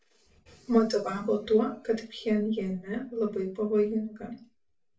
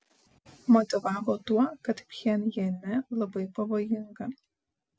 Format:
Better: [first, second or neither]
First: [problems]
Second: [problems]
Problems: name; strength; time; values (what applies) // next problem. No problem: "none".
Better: second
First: room echo; dies away in 0.3 s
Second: none